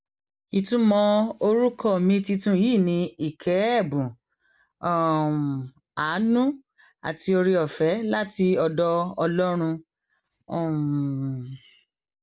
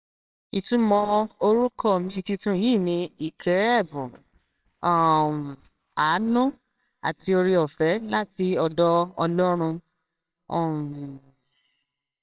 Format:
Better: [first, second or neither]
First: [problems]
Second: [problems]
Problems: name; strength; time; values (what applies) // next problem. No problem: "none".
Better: first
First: none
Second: noise reduction (neural separator model SepFormer WHAMR!)